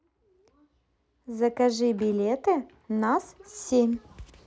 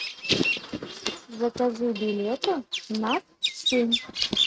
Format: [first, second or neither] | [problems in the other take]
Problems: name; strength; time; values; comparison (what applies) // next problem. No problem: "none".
first | noise reduction (neural mask model RNNoise)